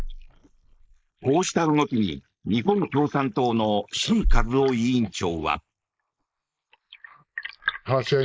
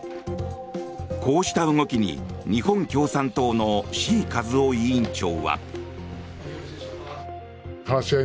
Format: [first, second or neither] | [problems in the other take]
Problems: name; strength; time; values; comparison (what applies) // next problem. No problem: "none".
second | noise reduction (neural mask model Resemble Enhance denoiser)